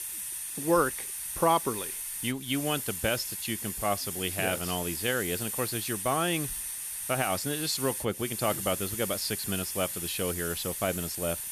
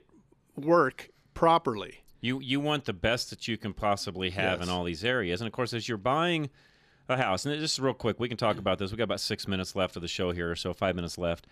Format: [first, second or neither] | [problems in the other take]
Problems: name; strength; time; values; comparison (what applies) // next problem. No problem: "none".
second | hiss; loud; throughout; 2 dB below the speech